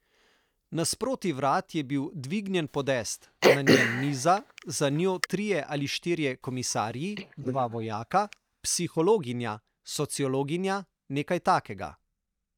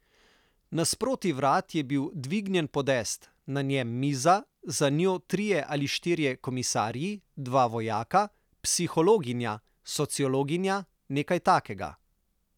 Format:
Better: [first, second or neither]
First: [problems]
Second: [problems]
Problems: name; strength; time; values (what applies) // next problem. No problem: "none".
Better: second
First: noise reduction (neural mask model DeepFilterNet 3)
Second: none